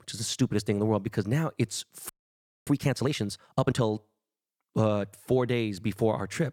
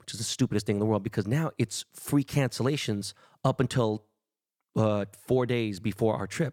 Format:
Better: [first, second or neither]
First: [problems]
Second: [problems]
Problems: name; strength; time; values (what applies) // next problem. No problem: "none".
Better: second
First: audio freezing; at 2 s for 0.5 s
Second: none